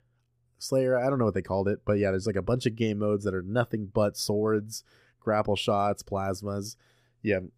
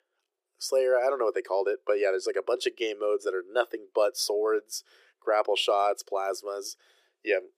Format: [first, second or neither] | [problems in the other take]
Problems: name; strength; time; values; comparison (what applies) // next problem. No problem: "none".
first | thin; very; fading below 350 Hz